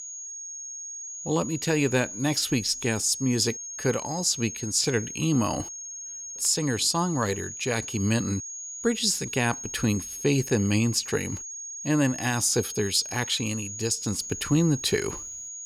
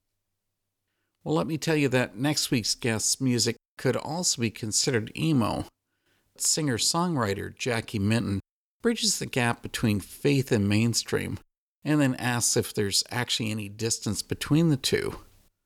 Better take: second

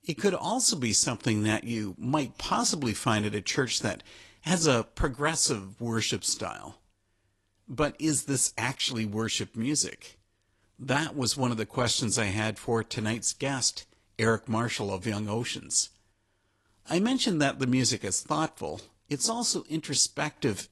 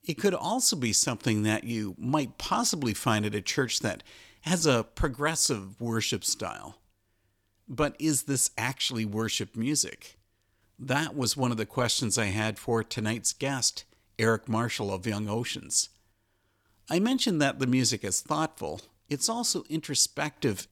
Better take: second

